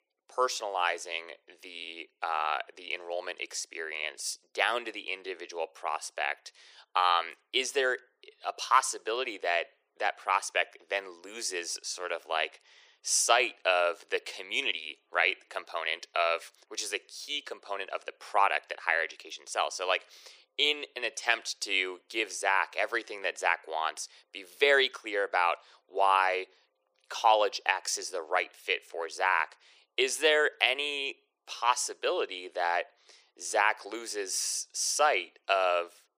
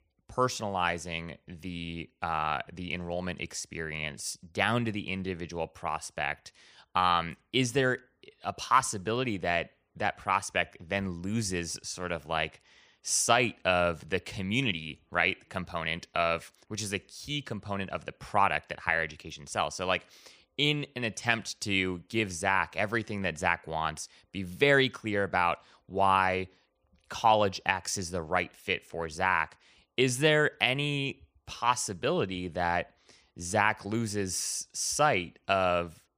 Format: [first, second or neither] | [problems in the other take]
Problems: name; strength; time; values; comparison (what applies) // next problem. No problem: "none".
second | thin; very; fading below 350 Hz